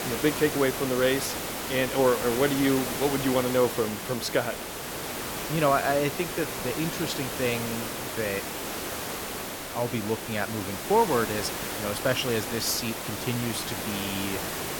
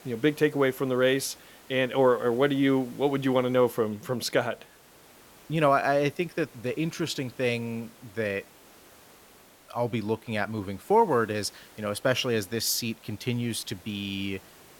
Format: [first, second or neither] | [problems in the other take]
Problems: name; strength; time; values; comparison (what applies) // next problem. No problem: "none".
second | hiss; loud; throughout; 4 dB below the speech; faint in the second